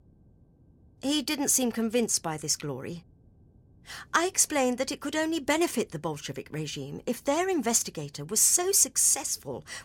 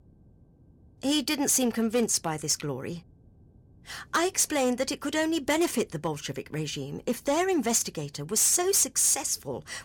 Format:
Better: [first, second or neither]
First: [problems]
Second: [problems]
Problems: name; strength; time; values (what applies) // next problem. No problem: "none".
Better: first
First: none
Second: distortion; slight; 4% of the sound clipped